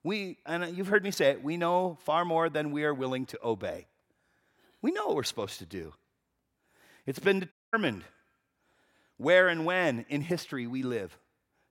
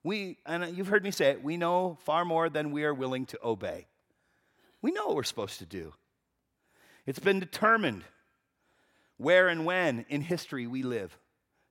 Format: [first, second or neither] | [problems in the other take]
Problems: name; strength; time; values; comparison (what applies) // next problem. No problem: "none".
second | audio cutting out; at 7.5 s